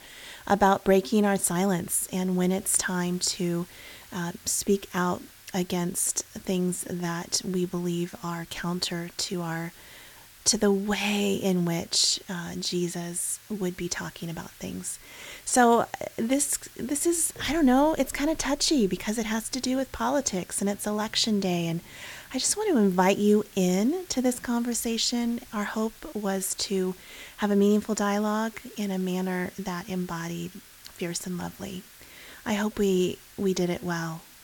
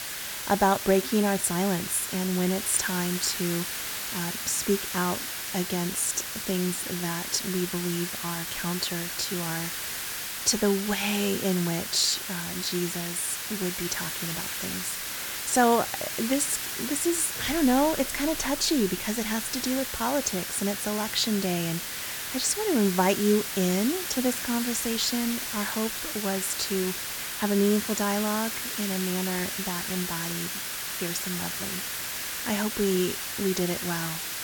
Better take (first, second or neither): first